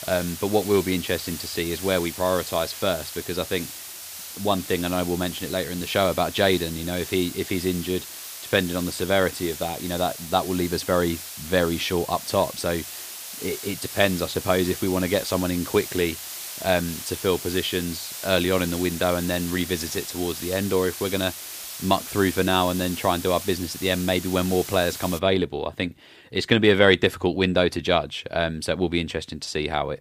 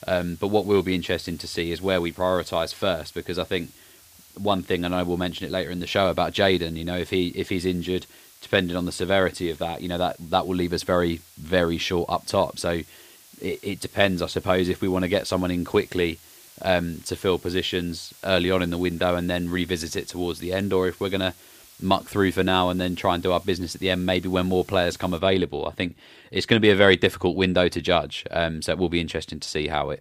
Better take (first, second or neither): second